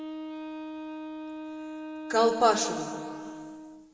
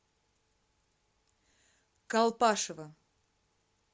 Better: second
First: background sound (Wind instrument, woodwind instrument); 8 dB below the speech // room echo; dies away in 1.9 s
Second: none

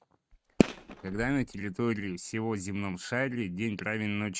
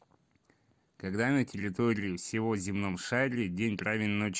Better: second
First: noise reduction (neural mask model RNNoise)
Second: none

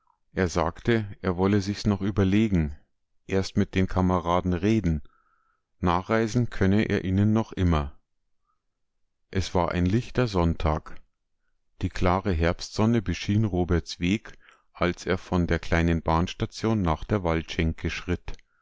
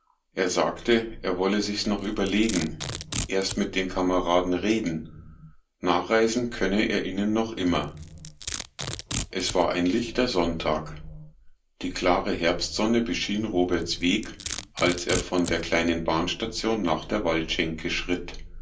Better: first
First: none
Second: background sound (Domestic sounds, home sounds); 14 dB below the speech // room echo; dies away in 0.3 s

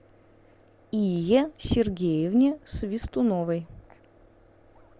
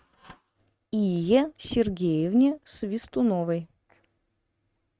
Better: first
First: none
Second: noise reduction (neural mask model RNNoise)

